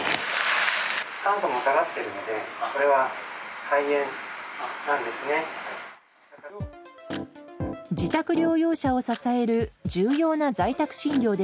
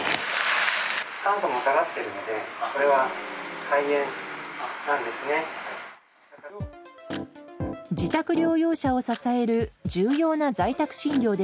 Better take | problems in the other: first | background sound (Applause / Cheering); 16 dB below the speech

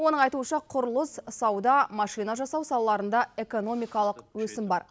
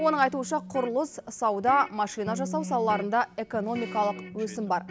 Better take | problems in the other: first | background sound (Electric guitar); 12 dB below the speech

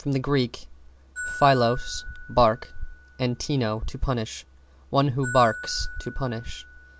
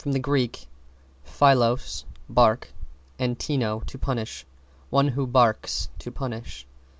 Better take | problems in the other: second | background sound (Glockenspiel); 15 dB below the speech

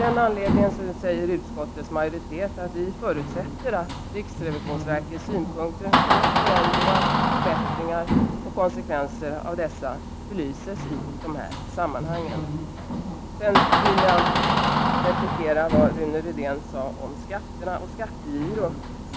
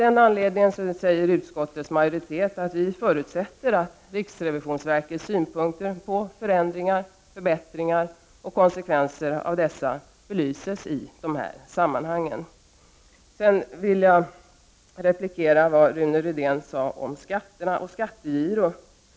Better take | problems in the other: second | background sound (Door); 2 dB above the speech

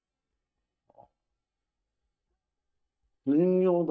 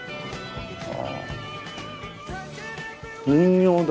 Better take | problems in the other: second | noise reduction (neural mask model DeepFilterNet 3)

